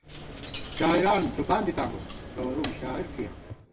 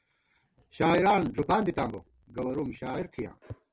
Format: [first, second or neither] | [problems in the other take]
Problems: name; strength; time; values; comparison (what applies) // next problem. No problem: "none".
second | background sound (Coin (dropping)); 10 dB below the speech // room echo; dies away in 1.5 s